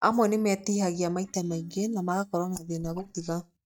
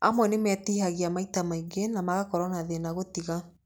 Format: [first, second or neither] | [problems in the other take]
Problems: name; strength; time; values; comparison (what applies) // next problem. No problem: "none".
second | noise reduction (neural mask model DeepFilterNet 3)